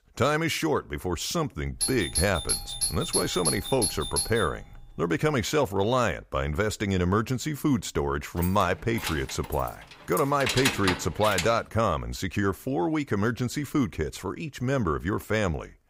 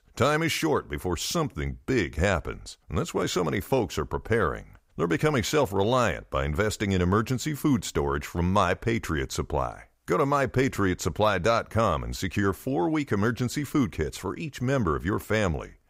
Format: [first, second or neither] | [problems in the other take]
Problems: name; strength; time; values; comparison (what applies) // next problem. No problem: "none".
second | doorbell; loud; from 2 to 5 s; peak 1 dB above the speech // jangling keys; loud; from 8.5 to 11 s; peak 2 dB above the speech